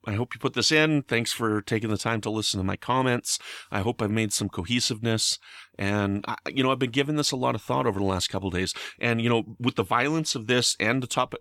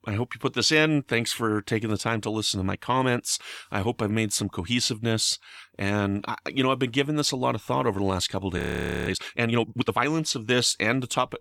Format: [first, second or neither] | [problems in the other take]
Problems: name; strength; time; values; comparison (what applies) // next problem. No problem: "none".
first | audio freezing; at 8.5 s for 0.5 s